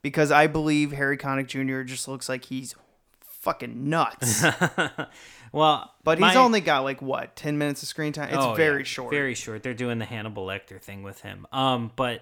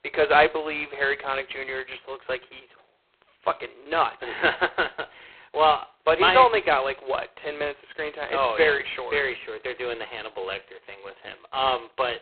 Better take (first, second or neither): first